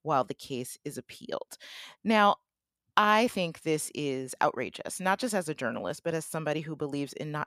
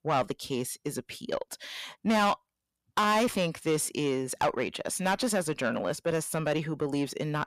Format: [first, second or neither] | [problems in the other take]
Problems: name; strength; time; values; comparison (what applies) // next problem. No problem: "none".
first | distortion; heavy; 7 dB below the speech